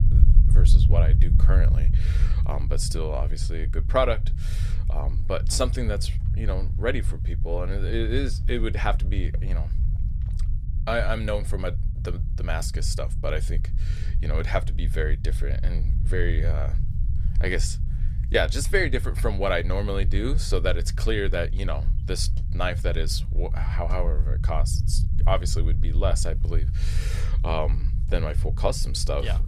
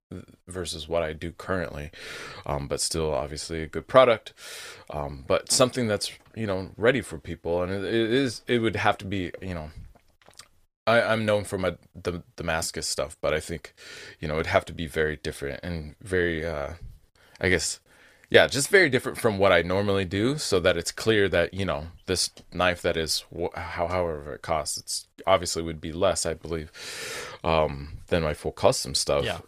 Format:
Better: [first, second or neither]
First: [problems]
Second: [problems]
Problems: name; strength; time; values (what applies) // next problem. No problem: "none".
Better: second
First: low rumble; noticeable; throughout; 15 dB below the speech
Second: none